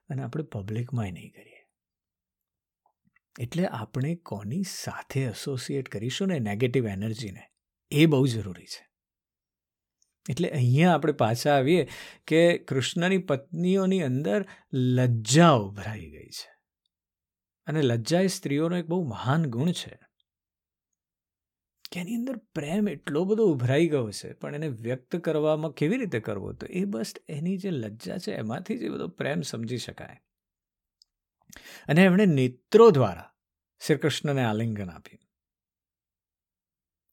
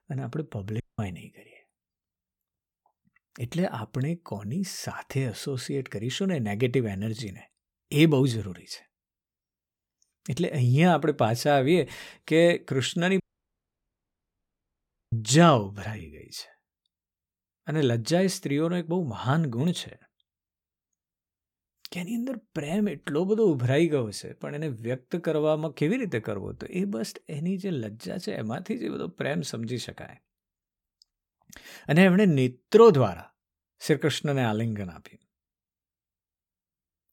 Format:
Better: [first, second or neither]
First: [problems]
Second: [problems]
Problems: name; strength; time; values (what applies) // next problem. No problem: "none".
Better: first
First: none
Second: audio cutting out; at 1 s and at 13 s for 2 s